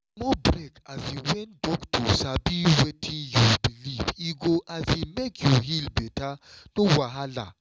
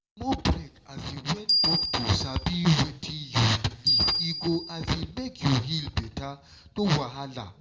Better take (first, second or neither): first